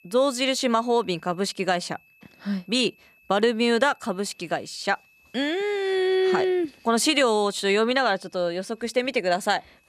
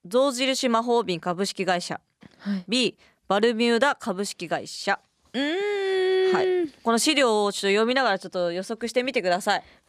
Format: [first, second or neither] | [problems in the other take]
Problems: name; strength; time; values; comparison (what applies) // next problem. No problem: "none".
second | high-pitched whine; faint; throughout; 2.5 kHz, 35 dB below the speech